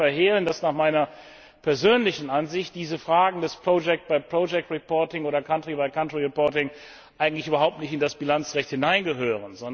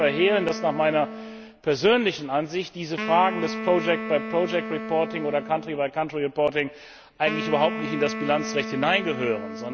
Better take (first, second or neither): first